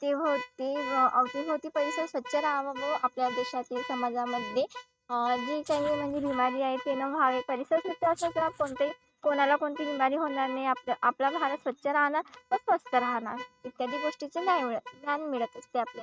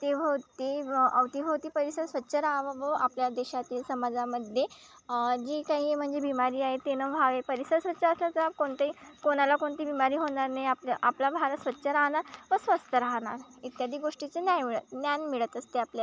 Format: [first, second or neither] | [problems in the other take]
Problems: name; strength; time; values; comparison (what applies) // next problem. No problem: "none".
second | noise reduction (neural mask model RNNoise)